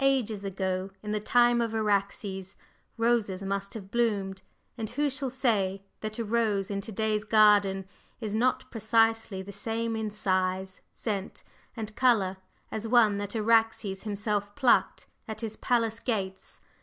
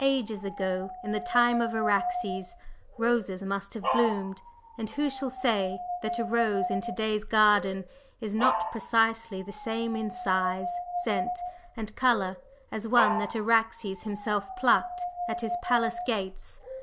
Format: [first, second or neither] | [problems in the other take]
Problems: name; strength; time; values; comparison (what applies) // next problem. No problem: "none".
first | background sound (Dog); 6 dB below the speech